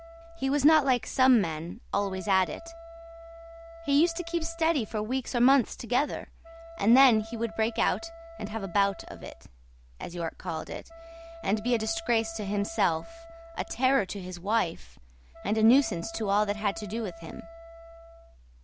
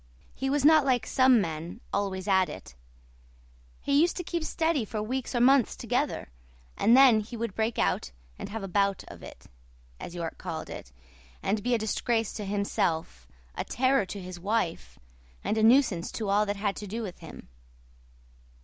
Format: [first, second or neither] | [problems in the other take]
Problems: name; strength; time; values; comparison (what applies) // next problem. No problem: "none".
second | background sound (Wind instrument, woodwind instrument); 18 dB below the speech